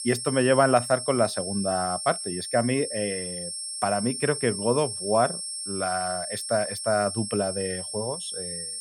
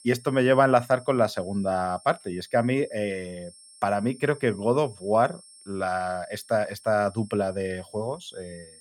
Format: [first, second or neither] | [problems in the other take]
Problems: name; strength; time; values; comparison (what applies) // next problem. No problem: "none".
second | high-pitched whine; loud; throughout; 8.5 kHz, 5 dB below the speech; faint in the second